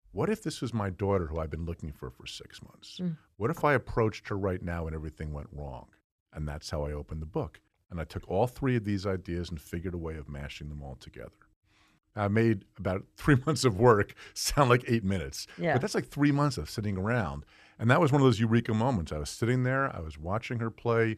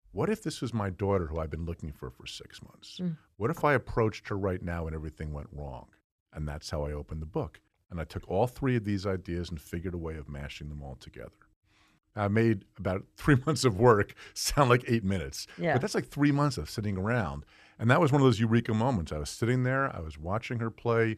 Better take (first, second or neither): neither